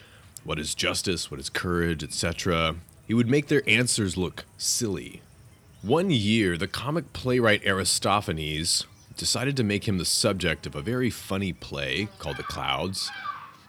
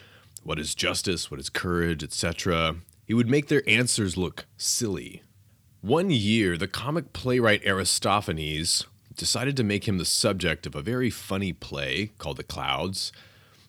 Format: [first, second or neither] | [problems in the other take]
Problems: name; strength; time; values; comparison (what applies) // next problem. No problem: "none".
second | animal sounds; faint; throughout; 20 dB below the speech